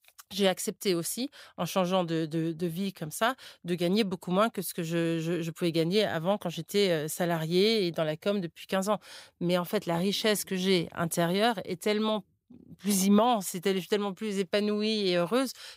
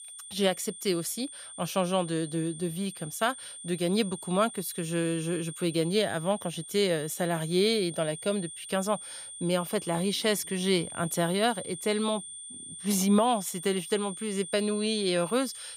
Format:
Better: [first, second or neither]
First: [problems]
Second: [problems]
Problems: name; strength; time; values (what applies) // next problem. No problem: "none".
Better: first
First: none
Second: high-pitched whine; noticeable; throughout; 9 kHz, 10 dB below the speech